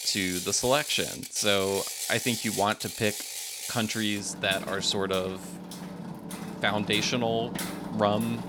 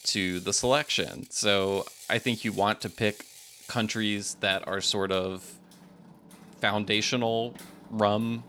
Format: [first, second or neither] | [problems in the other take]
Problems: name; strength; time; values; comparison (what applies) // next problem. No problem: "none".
second | machinery noise; loud; throughout; 7 dB below the speech; faint in the second